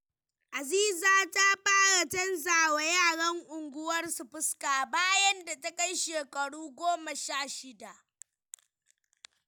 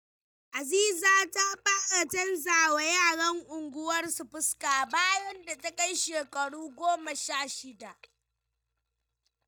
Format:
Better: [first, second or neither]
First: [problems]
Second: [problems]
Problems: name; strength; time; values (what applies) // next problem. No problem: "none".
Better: first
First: none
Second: noise reduction (neural mask model DeepFilterNet 3)